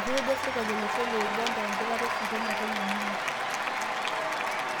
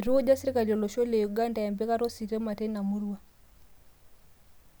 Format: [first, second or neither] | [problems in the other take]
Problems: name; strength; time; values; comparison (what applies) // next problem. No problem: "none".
second | background sound (Applause / Cheering); 5 dB above the speech